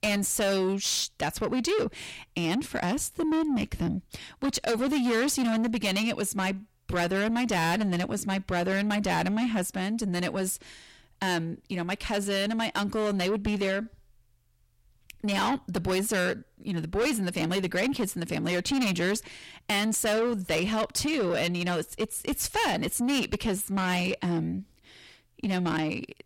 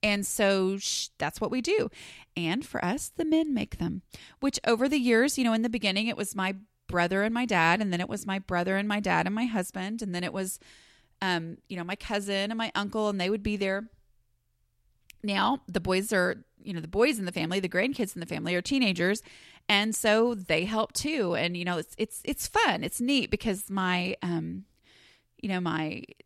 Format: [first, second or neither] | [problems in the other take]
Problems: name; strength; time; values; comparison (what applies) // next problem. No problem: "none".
second | distortion; heavy; 7 dB below the speech